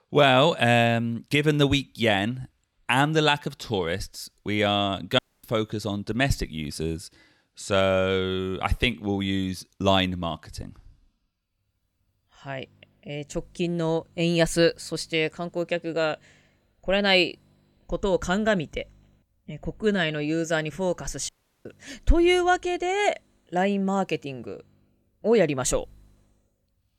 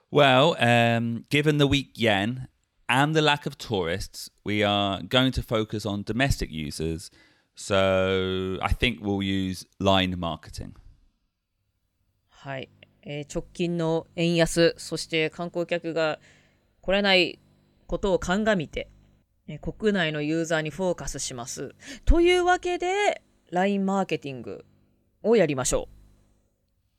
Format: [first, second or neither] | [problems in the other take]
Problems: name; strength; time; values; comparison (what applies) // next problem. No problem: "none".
second | audio cutting out; at 5 s and at 21 s